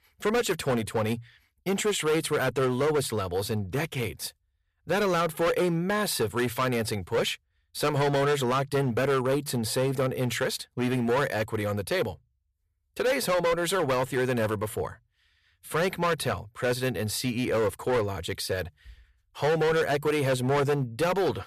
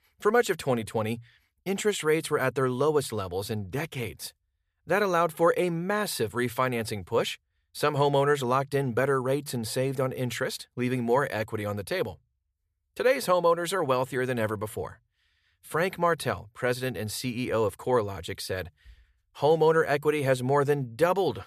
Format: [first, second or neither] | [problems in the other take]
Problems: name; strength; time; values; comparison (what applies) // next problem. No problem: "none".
second | distortion; heavy; 13% of the sound clipped